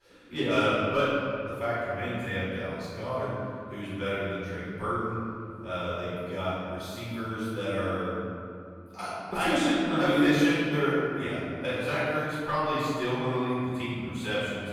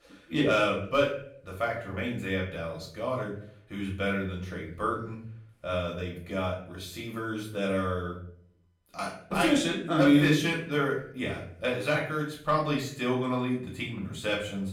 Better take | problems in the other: second | room echo; strong; dies away in 2.2 s; slight in the second // off-mic speech; far; far in the second

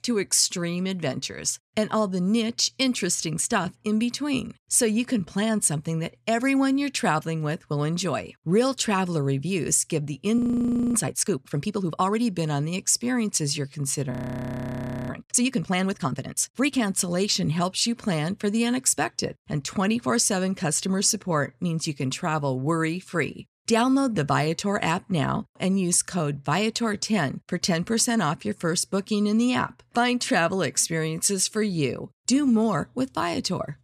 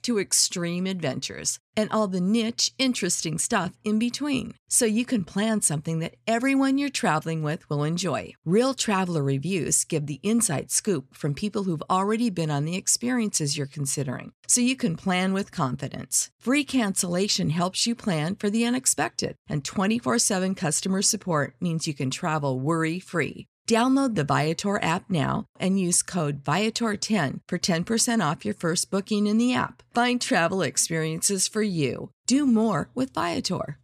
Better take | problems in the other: second | audio freezing; at 10 s for 0.5 s and at 14 s for 1 s

